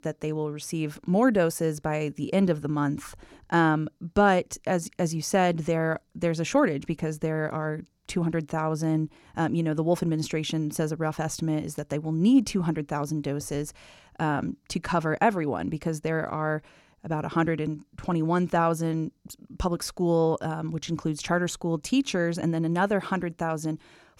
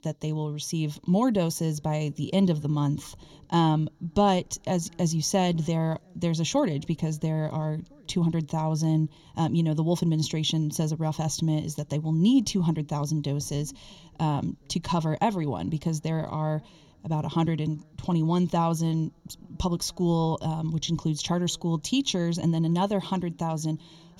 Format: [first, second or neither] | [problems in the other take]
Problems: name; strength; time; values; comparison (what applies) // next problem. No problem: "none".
first | room echo; slight; dies away in 3 s